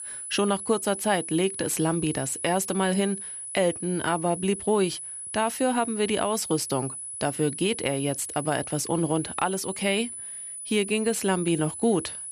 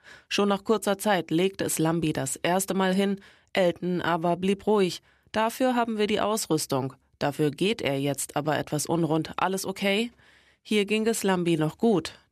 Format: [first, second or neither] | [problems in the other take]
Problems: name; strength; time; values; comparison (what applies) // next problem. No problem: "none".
second | high-pitched whine; loud; throughout; 10 kHz, 7 dB below the speech